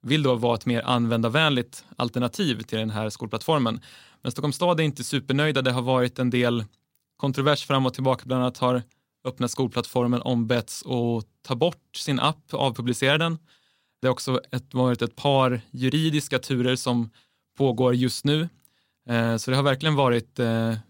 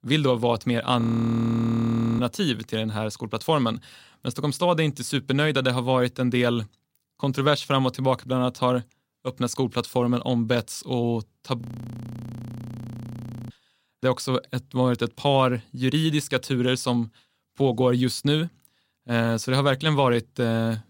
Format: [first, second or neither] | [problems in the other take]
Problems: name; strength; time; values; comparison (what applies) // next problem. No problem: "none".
first | audio freezing; at 1 s for 1 s and at 12 s for 2 s